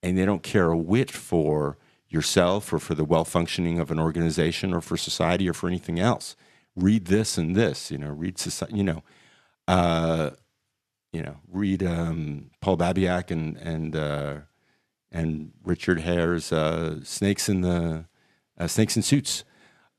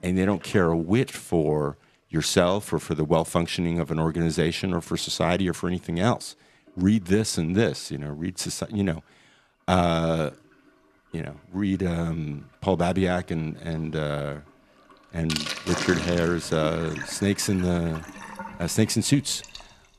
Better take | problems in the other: first | household noises; noticeable; throughout; 10 dB below the speech

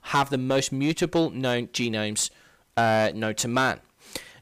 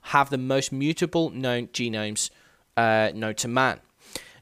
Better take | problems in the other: second | distortion; slight; 5% of the sound clipped

